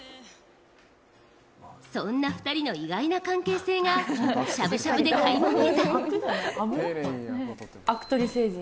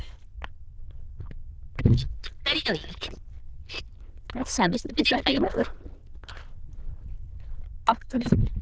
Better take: first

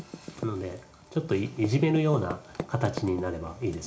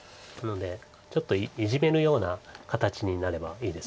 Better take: second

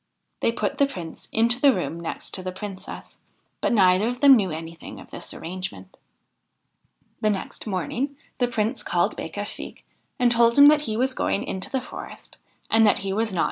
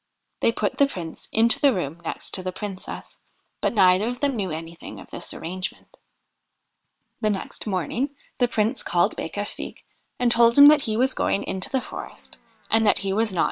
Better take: first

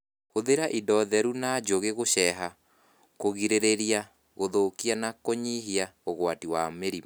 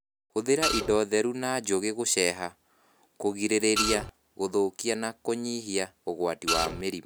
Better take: first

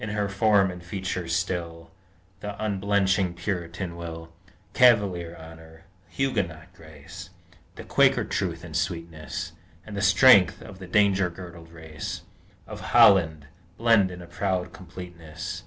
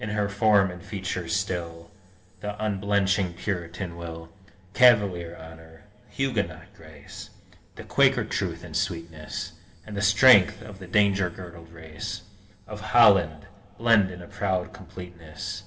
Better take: first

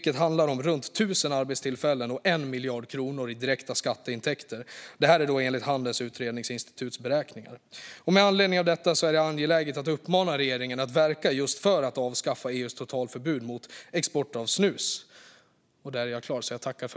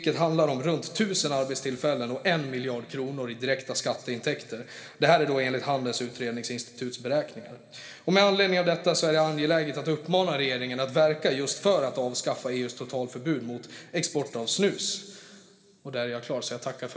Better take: first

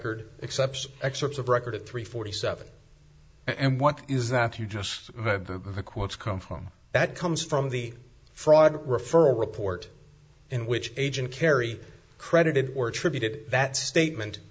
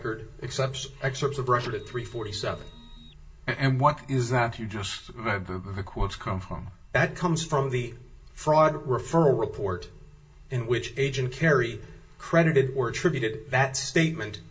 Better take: first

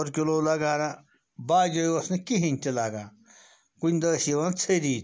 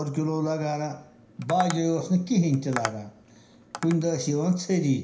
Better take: first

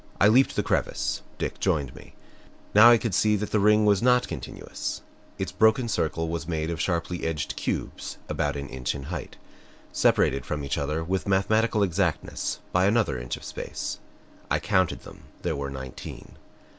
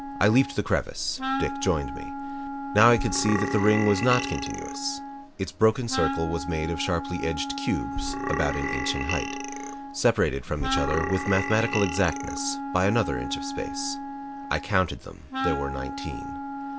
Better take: first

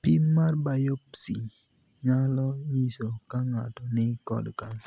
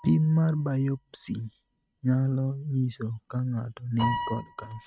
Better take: first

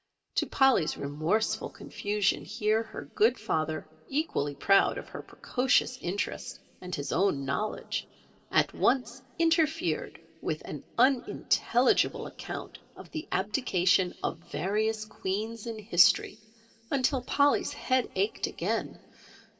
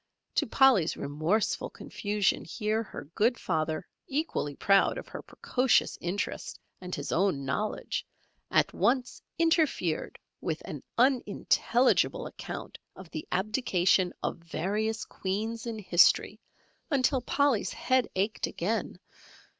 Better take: second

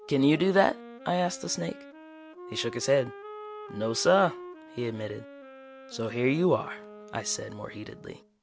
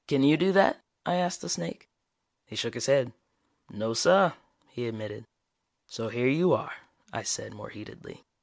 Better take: second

